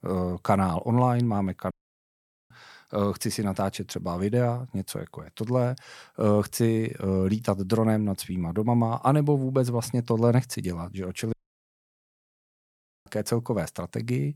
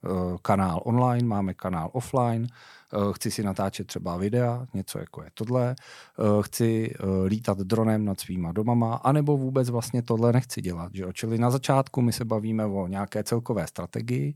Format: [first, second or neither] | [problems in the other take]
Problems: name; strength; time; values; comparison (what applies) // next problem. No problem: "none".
second | audio cutting out; at 1.5 s for 1 s and at 11 s for 1.5 s